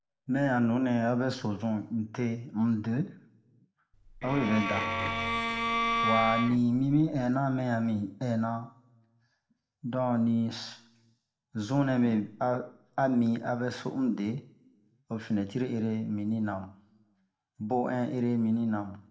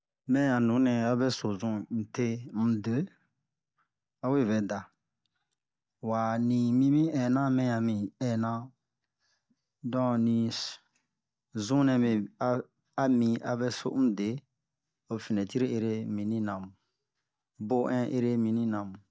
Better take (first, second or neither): second